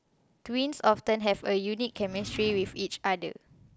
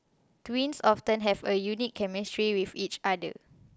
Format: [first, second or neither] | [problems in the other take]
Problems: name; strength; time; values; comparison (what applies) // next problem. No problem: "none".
second | background sound (Drawer open or close); 15 dB below the speech